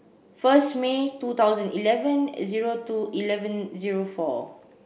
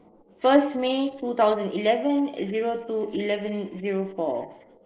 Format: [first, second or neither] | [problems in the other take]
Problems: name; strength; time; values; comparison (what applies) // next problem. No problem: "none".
first | noise reduction (neural mask model Resemble Enhance denoiser)